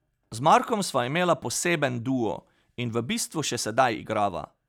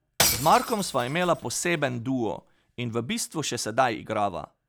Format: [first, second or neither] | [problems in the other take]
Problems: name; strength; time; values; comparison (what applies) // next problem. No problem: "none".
first | background sound (Shatter / Crushing); 5 dB below the speech